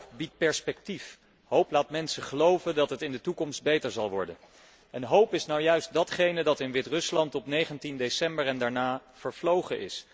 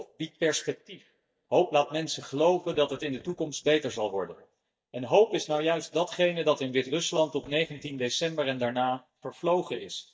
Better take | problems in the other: first | noise reduction (neural mask model DeepFilterNet 3)

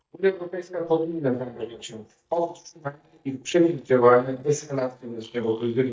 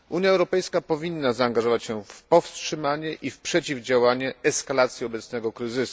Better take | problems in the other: second | noise reduction (neural mask model DeepFilterNet 3)

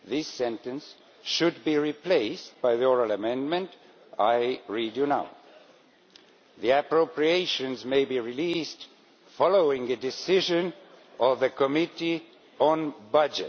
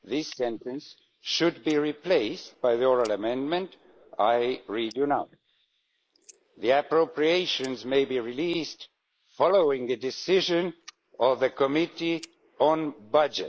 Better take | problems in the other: first | noise reduction (neural mask model Resemble Enhance denoiser)

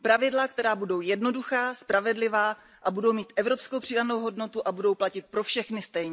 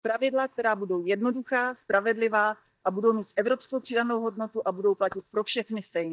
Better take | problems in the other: first | noise reduction (neural mask model DeepFilterNet 3)

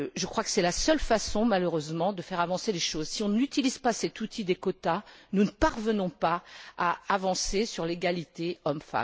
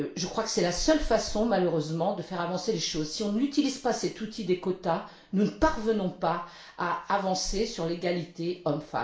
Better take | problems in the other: first | room echo; dies away in 0.4 s

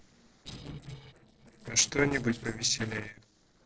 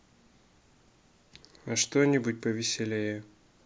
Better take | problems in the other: second | noise reduction (neural separator model SepFormer DNS4)

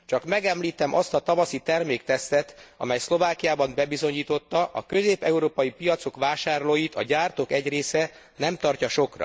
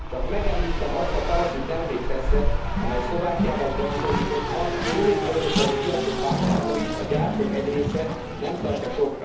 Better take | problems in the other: first | background sound (Race car, auto racing); 2 dB above the speech // room echo; dies away in 2.2 s

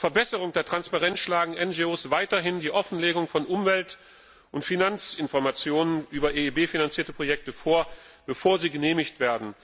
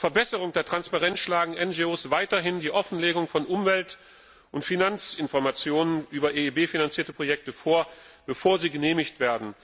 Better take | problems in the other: second | background sound (Splash, splatter); 15 dB below the speech

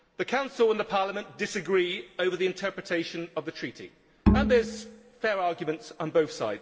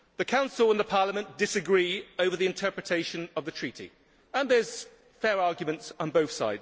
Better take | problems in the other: second | background sound (Bowed string instrument); 2 dB above the speech // room echo; dies away in 1 s

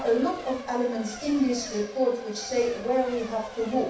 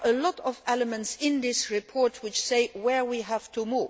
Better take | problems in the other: second | background sound (Race car, auto racing / Accelerating, revving, vroom / Mechanisms); 14 dB below the speech // room echo; dies away in 0.7 s

